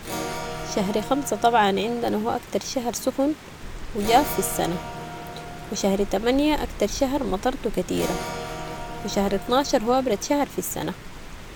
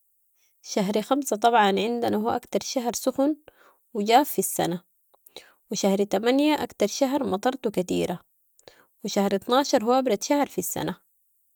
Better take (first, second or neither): second